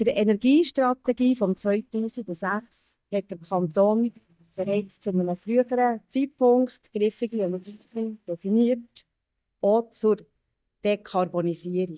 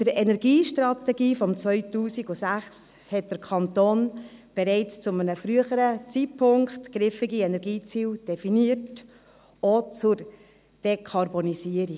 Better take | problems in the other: second | noise reduction (neural mask model DeepFilterNet 3)

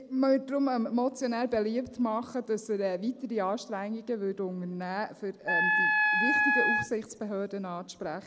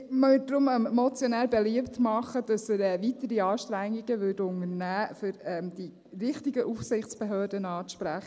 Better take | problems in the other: second | background sound (Wind instrument, woodwind instrument); 5 dB above the speech

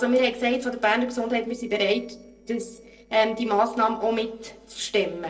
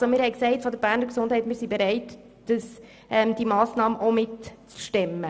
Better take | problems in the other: second | noise reduction (neural separator model SepFormer DNS4)

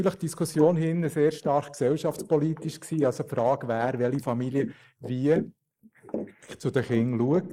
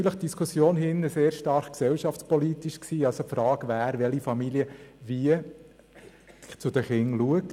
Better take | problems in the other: second | noise reduction (neural mask model Resemble Enhance denoiser)

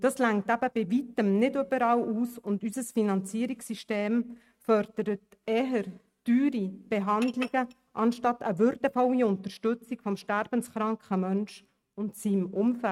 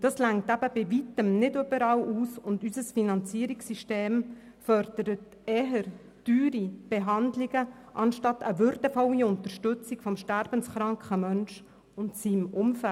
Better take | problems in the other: second | noise reduction (neural mask model RNNoise)

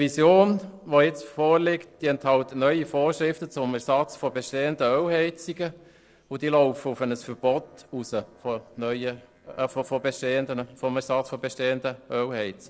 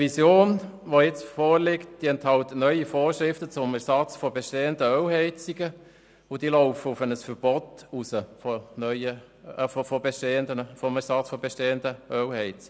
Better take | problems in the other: second | noise reduction (neural separator model SepFormer DNS4)

